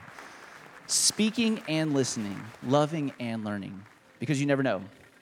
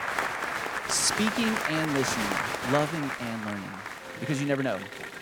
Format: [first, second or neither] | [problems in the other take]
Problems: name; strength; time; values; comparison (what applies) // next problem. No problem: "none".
first | crowd noise; loud; throughout; 2 dB below the speech; faint in the first